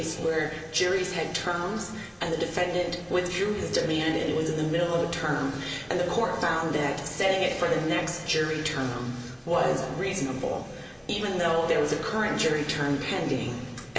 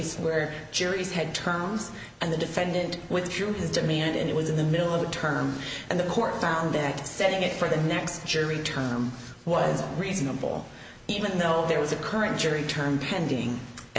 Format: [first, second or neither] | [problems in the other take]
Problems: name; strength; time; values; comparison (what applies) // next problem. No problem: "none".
second | room echo; dies away in 2.3 s